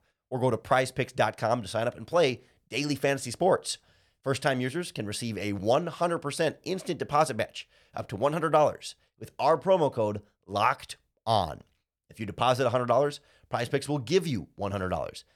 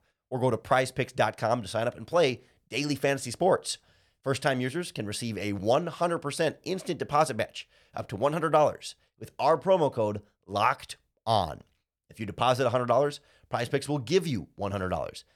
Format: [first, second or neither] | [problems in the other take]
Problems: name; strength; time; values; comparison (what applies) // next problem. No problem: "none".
neither | none